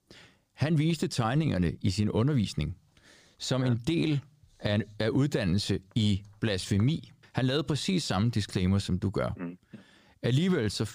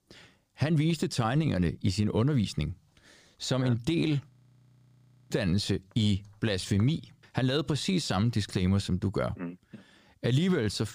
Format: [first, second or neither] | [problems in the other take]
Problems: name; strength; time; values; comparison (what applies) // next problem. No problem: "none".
first | audio freezing; at 4.5 s for 1 s